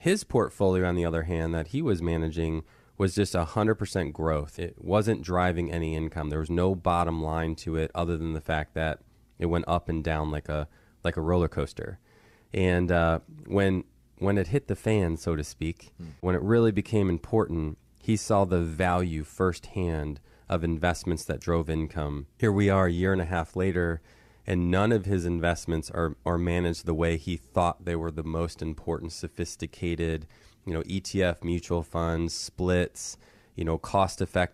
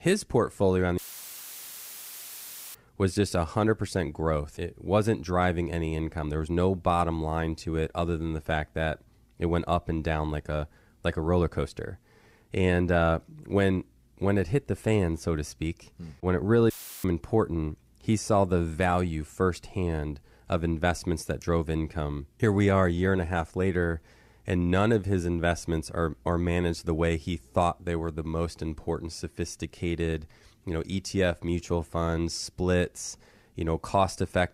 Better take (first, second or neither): first